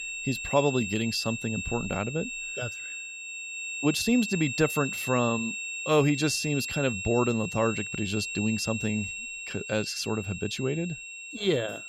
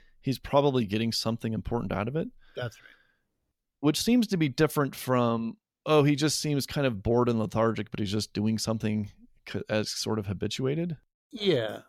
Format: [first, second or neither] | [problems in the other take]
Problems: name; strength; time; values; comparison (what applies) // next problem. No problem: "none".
second | high-pitched whine; loud; throughout; 2.5 kHz, 5 dB below the speech